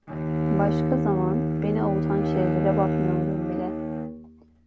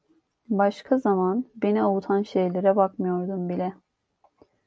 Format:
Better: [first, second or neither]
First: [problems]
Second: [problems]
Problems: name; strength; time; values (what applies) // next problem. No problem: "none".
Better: second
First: background sound (Bowed string instrument); 4 dB above the speech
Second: none